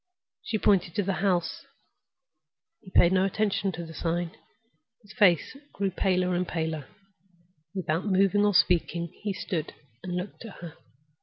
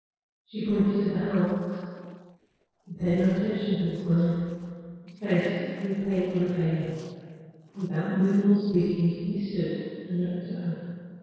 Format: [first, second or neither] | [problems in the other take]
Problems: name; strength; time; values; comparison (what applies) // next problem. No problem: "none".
first | noise reduction (neural separator model SepFormer DNS4)